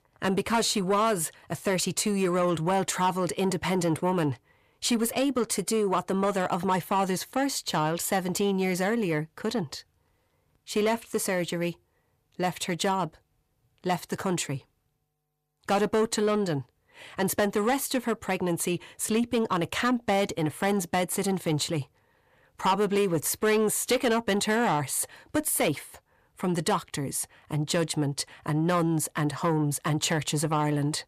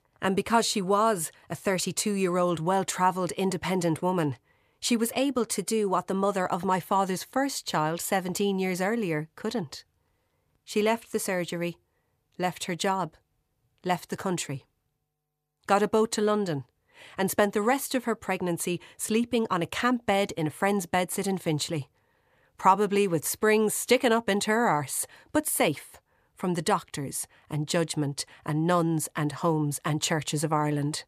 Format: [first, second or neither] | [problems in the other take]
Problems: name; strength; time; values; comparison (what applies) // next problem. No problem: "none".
second | distortion; slight; 10 dB below the speech